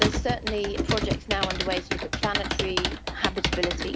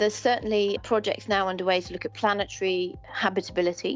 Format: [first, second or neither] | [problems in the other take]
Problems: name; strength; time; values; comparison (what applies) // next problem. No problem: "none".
second | background sound (Computer keyboard); 3 dB above the speech